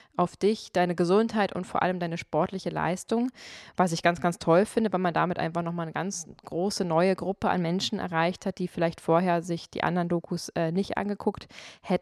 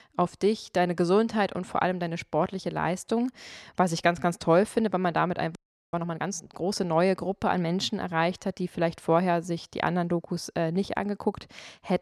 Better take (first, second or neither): first